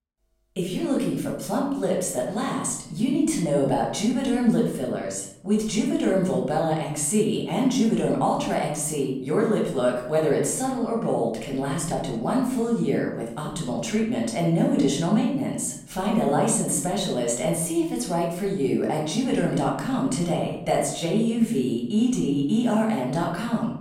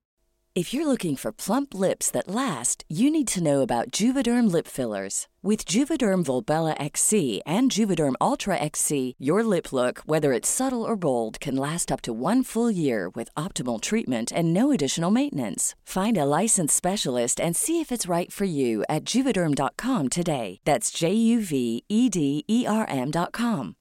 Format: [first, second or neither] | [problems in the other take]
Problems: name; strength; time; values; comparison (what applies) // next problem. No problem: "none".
second | off-mic speech; far // room echo; noticeable; dies away in 0.8 s